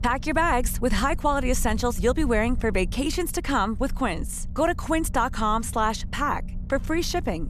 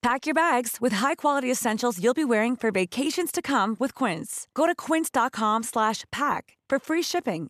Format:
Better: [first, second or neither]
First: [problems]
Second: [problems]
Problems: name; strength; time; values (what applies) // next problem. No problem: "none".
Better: second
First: low rumble; faint; throughout; 25 dB below the speech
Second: none